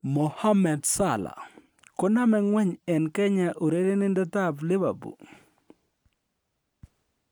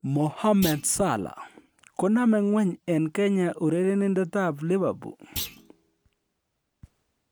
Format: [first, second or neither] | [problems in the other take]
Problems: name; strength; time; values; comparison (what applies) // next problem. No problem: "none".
first | background sound (Thump, thud); 15 dB below the speech